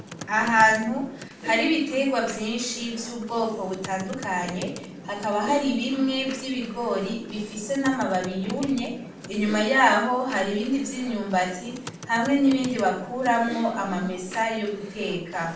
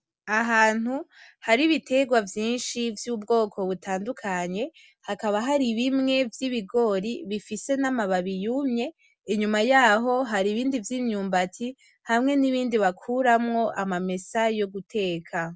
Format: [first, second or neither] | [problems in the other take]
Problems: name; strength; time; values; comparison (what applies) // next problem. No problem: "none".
second | background sound (Computer keyboard); 14 dB below the speech // room echo; dies away in 0.5 s